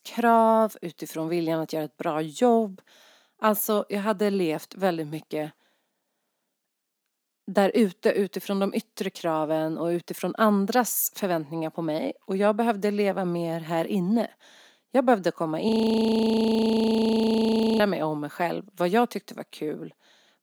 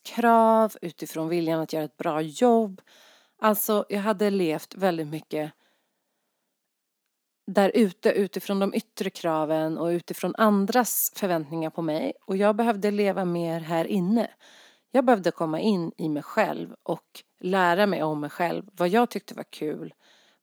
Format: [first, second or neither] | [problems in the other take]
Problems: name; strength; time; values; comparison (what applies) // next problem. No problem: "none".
second | audio freezing; at 16 s for 2 s